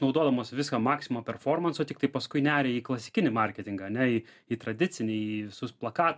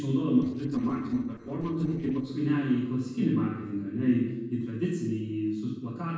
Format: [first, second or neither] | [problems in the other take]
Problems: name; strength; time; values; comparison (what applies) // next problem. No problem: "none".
first | noise reduction (neural separator model SepFormer DNS4)